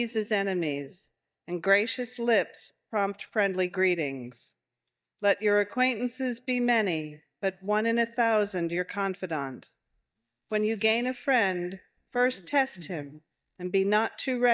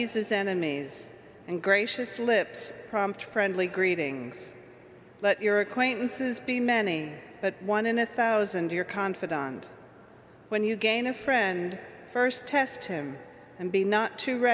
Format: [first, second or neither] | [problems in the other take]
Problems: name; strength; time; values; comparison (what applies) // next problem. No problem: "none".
second | noise reduction (neural mask model DeepFilterNet 3)